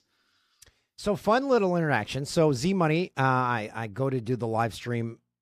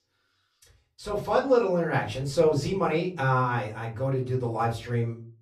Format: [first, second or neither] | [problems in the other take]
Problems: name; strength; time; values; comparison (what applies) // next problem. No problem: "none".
first | off-mic speech; far // room echo; very slight; dies away in 0.3 s